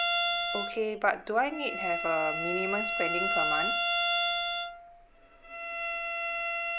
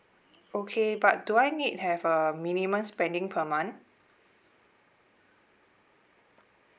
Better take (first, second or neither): second